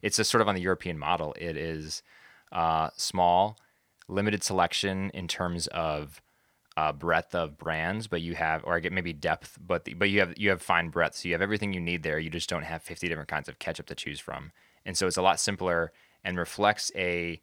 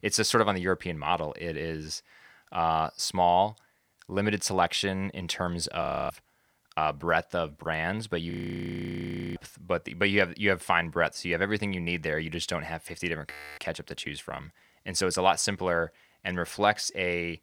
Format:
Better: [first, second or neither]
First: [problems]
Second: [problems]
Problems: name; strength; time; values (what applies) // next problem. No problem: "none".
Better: first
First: none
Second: audio freezing; at 6 s, at 8.5 s for 1 s and at 13 s